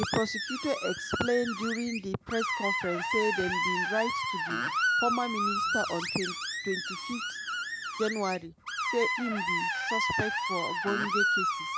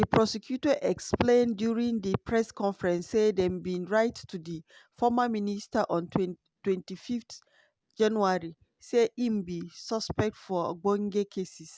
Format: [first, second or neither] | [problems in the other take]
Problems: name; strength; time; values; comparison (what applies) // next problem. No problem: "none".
second | background sound (Screech); 2 dB above the speech